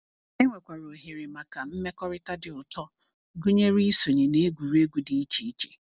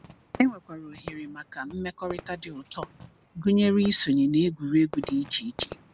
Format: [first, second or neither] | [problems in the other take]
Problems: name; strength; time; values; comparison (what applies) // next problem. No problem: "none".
first | background sound (Fireworks); 17 dB below the speech